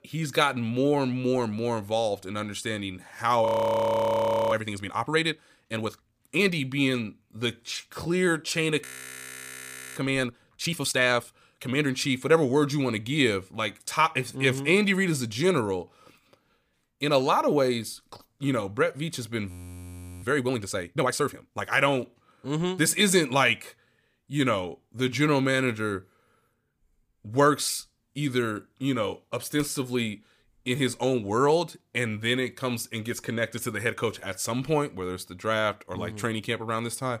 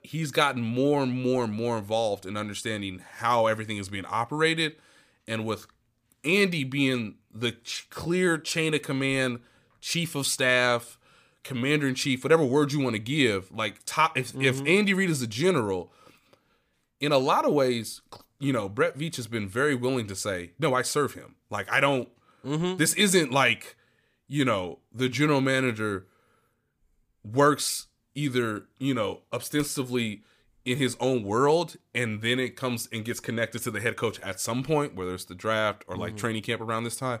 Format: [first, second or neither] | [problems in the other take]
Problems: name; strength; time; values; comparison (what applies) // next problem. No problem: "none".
second | audio freezing; at 3.5 s for 1 s, at 9 s for 1 s and at 19 s for 0.5 s